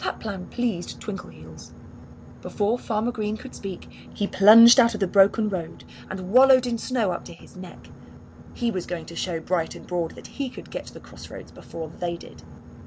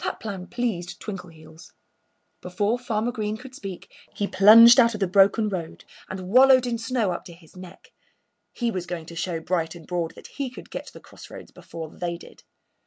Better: second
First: background sound (Boat, Water vehicle); 17 dB below the speech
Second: none

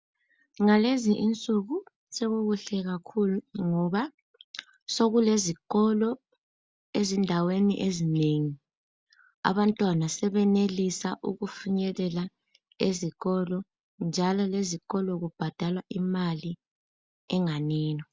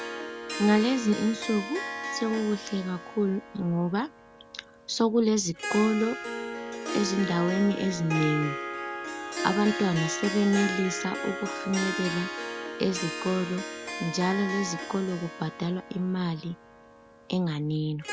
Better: first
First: none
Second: background sound (Harp); 7 dB below the speech

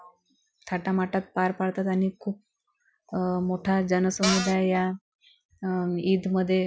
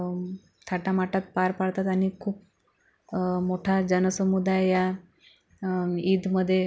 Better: second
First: noise reduction (classical method Wiener filter)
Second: none

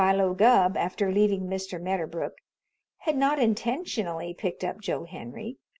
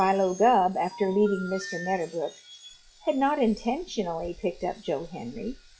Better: first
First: none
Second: noise reduction (classical method log-MMSE)

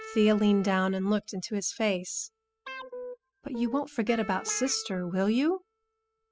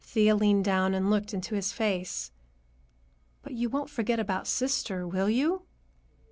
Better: second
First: noise reduction (classical method spectral subtraction)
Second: none

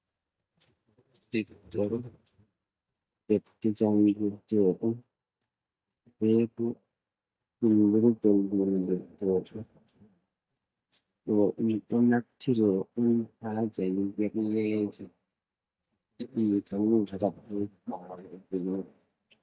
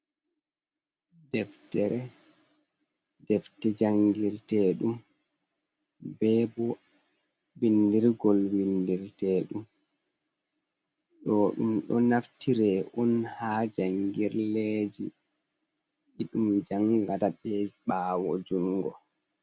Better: second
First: noise reduction (neural mask model DeepFilterNet 3)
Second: none

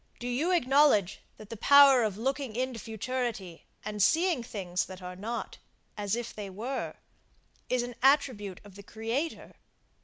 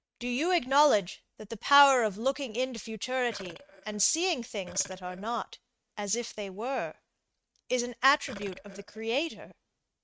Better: first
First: none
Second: noise reduction (neural mask model RNNoise)

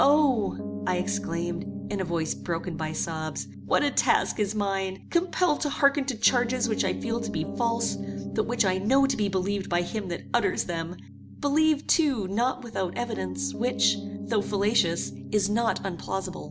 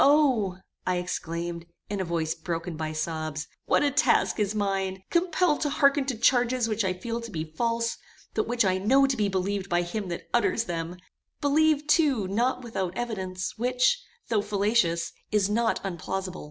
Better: second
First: background sound (Piano); 9 dB below the speech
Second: none

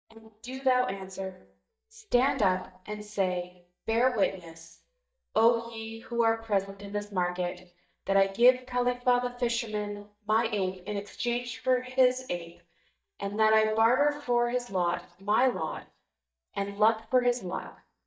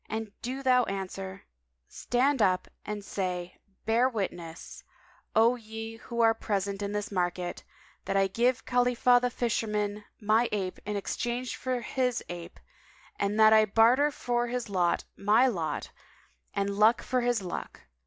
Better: second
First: noise reduction (neural mask model DeepFilterNet 3)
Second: none

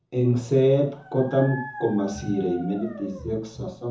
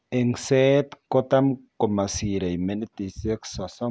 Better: second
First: background sound (Dog); 17 dB below the speech // room echo; dies away in 0.5 s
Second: none

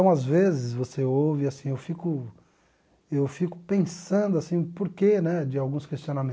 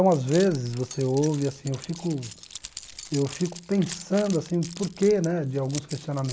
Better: first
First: none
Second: background sound (Keys jangling); 16 dB below the speech

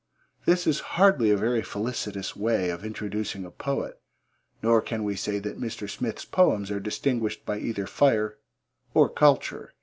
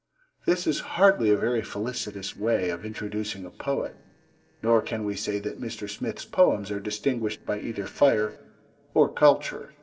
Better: first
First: none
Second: noise reduction (neural separator model SepFormer DNS4)

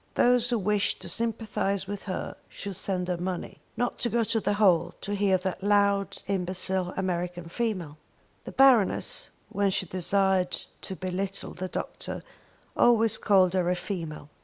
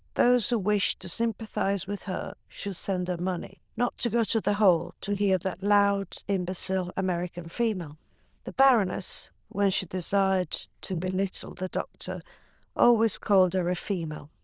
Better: first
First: none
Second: noise reduction (neural diffusion model UNIVERSE++)

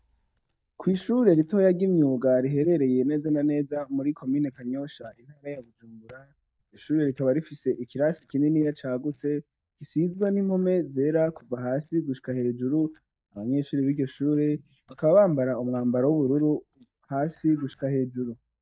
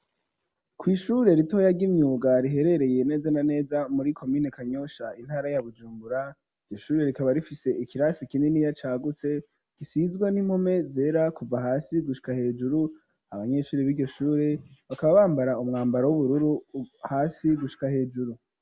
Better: second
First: noise reduction (neural mask model DeepFilterNet 3)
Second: none

